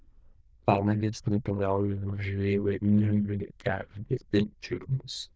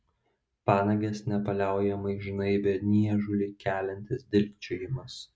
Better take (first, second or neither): second